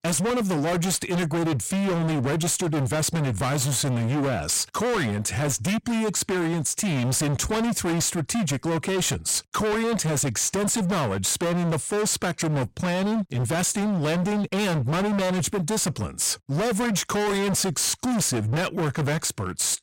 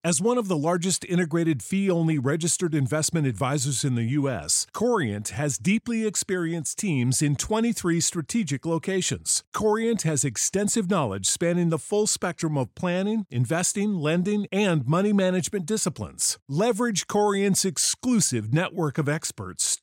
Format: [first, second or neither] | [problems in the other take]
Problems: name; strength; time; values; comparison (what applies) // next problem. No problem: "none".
second | distortion; heavy; 45% of the sound clipped